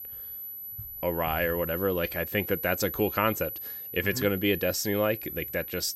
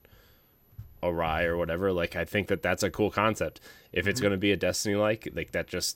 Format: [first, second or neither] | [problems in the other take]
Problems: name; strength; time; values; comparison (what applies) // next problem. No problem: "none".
second | high-pitched whine; loud; throughout; 12 kHz, 6 dB below the speech; faint in the second